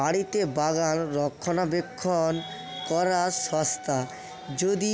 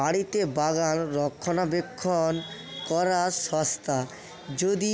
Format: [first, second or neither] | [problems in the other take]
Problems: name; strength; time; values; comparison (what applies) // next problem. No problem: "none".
second | background sound (Wind instrument, woodwind instrument); 18 dB below the speech